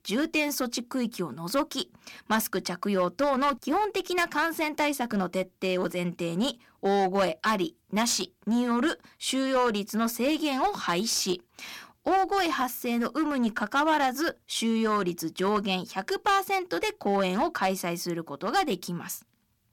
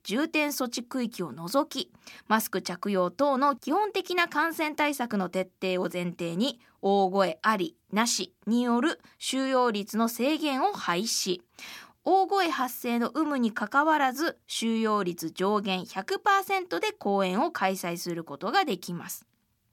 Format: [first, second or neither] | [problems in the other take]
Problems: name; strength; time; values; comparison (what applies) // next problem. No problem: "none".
second | distortion; slight; 7% of the sound clipped